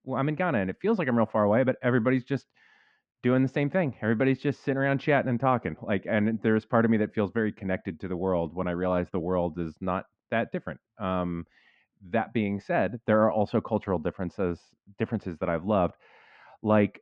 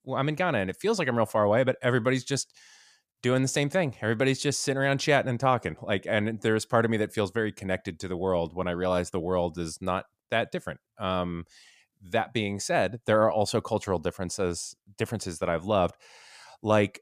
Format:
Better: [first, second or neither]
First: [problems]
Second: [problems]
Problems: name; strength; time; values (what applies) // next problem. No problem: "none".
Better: second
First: muffled; very; fading above 2.5 kHz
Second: none